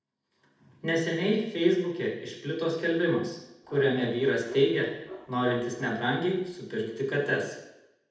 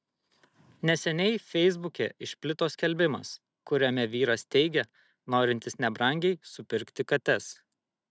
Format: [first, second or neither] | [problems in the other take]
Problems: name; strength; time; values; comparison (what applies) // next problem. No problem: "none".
second | background sound (Bark); 17 dB below the speech // room echo; dies away in 0.8 s